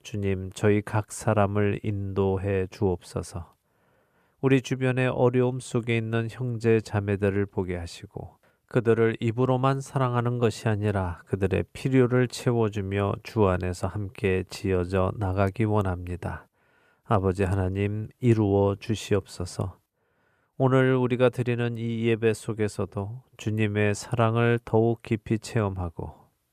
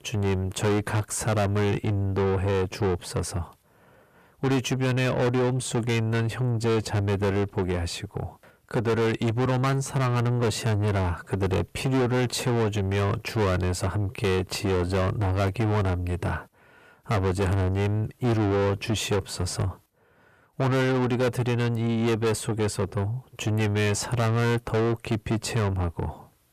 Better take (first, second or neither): first